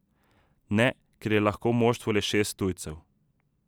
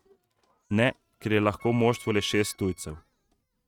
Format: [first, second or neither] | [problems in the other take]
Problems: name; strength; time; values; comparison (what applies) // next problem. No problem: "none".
first | noise reduction (neural mask model RNNoise)